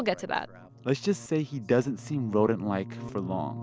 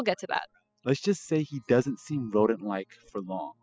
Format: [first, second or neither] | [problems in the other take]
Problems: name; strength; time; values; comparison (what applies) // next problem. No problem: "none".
first | noise reduction (classical method spectral subtraction)